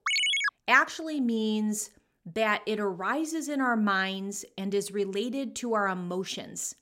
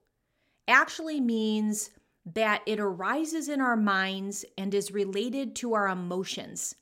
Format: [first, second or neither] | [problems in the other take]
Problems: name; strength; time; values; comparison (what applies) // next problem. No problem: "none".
second | phone ringing; loud; at the start; peak 5 dB above the speech